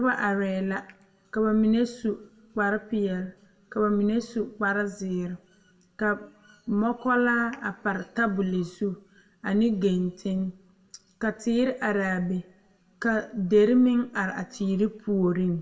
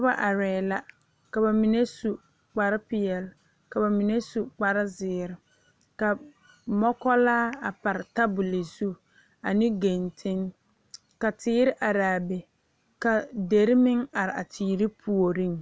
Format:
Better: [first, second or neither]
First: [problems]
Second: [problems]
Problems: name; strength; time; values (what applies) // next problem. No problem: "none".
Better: second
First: room echo; dies away in 0.6 s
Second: none